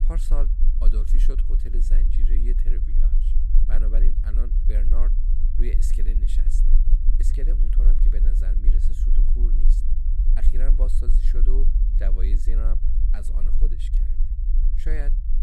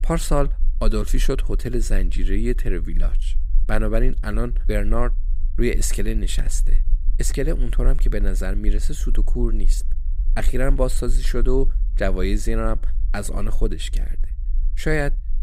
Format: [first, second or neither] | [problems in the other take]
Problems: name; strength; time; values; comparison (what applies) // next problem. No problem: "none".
second | low rumble; loud; throughout; 4 dB below the speech; faint in the second